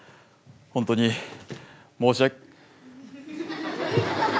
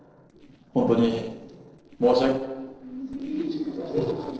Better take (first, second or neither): first